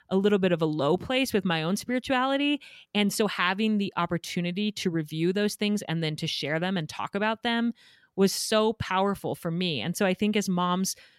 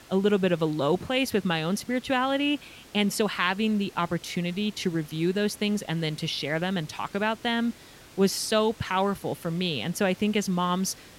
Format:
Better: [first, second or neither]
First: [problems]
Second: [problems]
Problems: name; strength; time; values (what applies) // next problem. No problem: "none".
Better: first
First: none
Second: hiss; faint; throughout; 20 dB below the speech